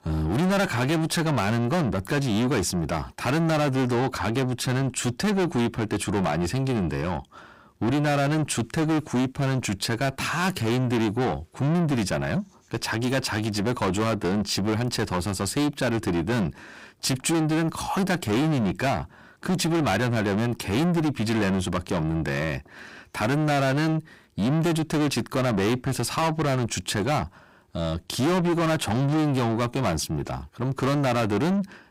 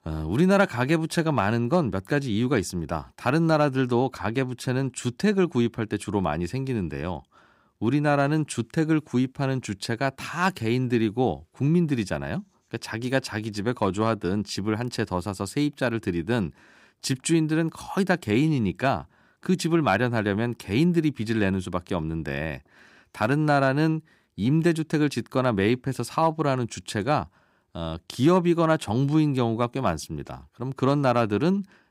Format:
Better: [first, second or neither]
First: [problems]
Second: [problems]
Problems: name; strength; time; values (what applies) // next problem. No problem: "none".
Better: second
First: distortion; heavy; 5 dB below the speech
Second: none